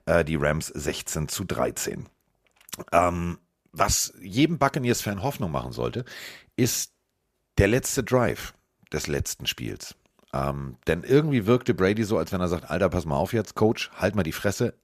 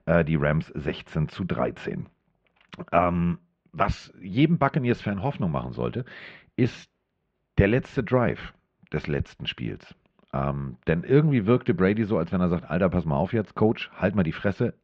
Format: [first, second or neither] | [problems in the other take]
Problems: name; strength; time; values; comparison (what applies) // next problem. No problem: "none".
first | muffled; very; fading above 3 kHz